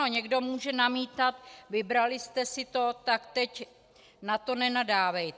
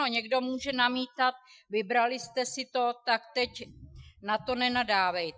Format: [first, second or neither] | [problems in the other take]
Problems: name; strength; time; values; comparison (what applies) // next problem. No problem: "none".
first | noise reduction (classical method Wiener filter)